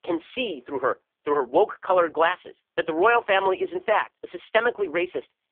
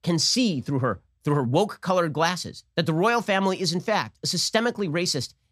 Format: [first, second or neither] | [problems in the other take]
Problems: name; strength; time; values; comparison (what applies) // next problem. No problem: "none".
second | phone-call audio; poor line; nothing above 3 kHz